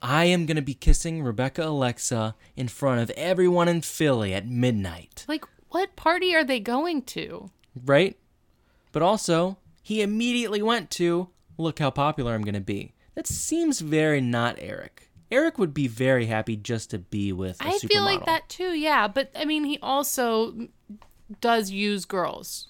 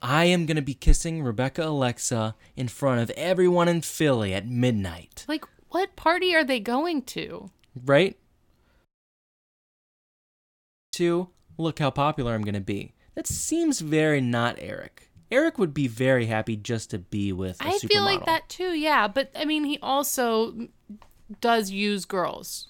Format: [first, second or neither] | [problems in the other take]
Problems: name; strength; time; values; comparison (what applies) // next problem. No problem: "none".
first | audio cutting out; at 9 s for 2 s